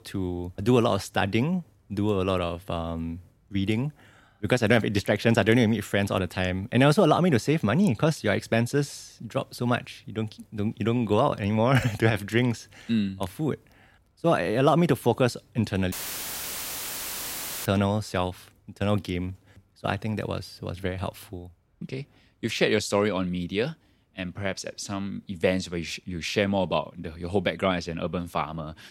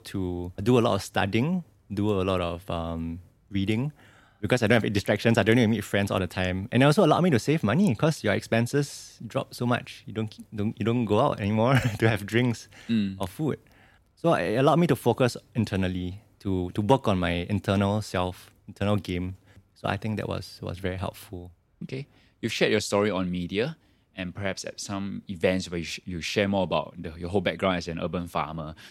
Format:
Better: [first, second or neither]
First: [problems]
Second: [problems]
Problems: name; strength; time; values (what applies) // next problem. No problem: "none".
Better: second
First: audio cutting out; filled with static; at 16 s for 1.5 s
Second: none